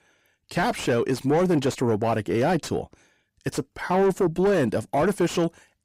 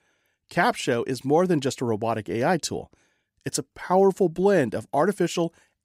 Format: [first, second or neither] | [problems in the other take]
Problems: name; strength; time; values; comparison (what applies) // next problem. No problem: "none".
second | distortion; heavy; 8 dB below the speech